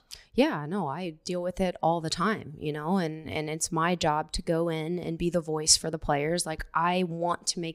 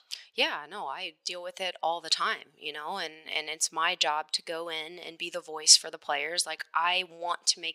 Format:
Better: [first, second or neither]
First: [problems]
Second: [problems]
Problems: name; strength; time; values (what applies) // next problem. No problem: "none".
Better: first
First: none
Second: thin; very; fading below 700 Hz